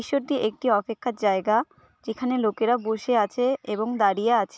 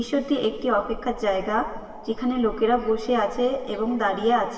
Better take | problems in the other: first | background sound (Rain); 16 dB below the speech // room echo; dies away in 1.8 s

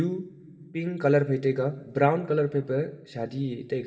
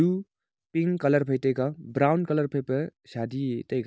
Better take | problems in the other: second | room echo; dies away in 2.4 s

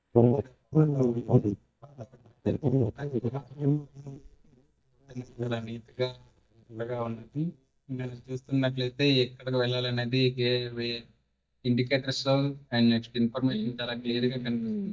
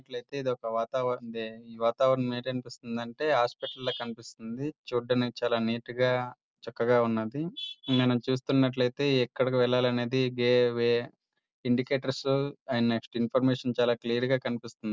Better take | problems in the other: second | noise reduction (neural mask model DeepFilterNet 3)

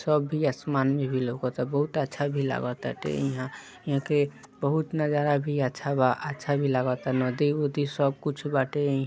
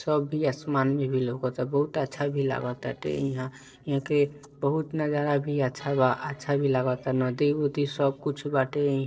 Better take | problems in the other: first | noise reduction (neural separator model SepFormer DNS4)

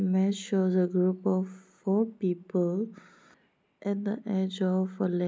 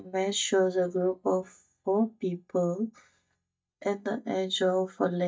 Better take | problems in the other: first | noise reduction (neural mask model DeepFilterNet 3)

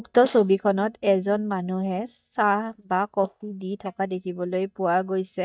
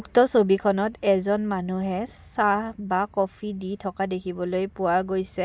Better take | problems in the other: second | noise reduction (neural mask model DeepFilterNet 3)

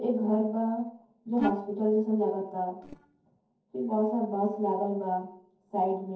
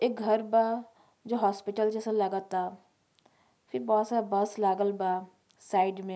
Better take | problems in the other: second | noise reduction (neural separator model SepFormer DNS4)

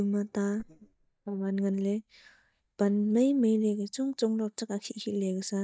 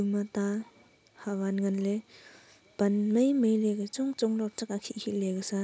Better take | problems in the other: second | noise reduction (neural mask model DeepFilterNet 3)

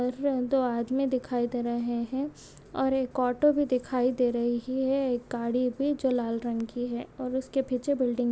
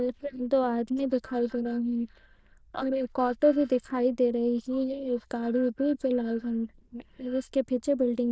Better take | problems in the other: first | noise reduction (neural diffusion model UNIVERSE++)

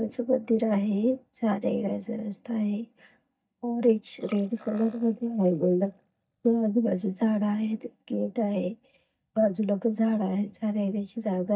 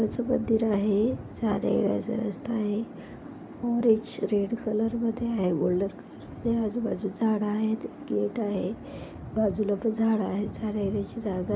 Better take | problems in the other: second | noise reduction (neural mask model DeepFilterNet 3)

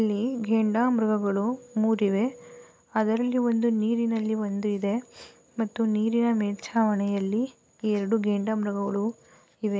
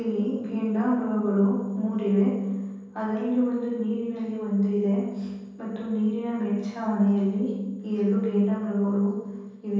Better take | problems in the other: first | room echo; dies away in 1.3 s

